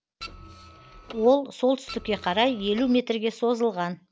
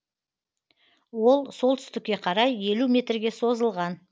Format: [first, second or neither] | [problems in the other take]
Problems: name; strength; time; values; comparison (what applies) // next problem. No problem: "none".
second | background sound (Printer); 18 dB below the speech